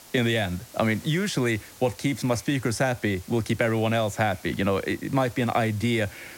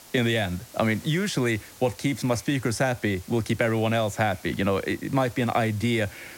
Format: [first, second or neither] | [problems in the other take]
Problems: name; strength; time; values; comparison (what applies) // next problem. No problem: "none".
neither | hiss; noticeable; throughout; 20 dB below the speech; the same in both